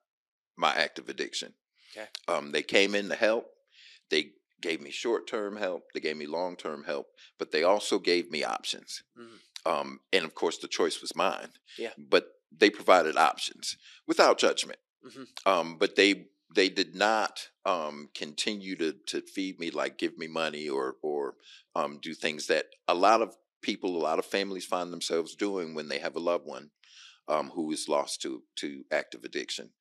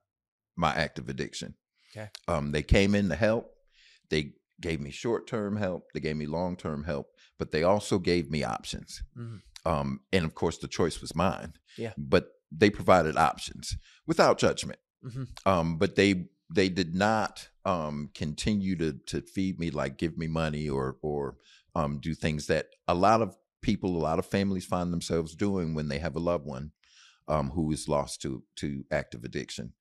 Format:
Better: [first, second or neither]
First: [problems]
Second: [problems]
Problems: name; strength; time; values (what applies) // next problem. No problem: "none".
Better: second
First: thin; somewhat; fading below 300 Hz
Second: none